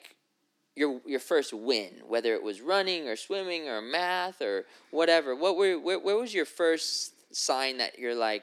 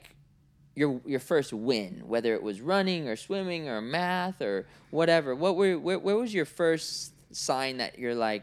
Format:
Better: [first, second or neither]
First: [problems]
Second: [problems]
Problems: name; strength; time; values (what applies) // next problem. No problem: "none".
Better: second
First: thin; very slightly; fading below 300 Hz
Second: none